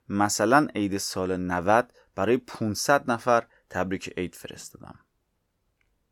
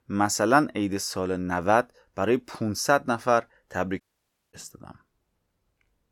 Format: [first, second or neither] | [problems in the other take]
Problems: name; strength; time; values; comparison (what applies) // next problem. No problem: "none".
first | audio cutting out; at 4 s for 0.5 s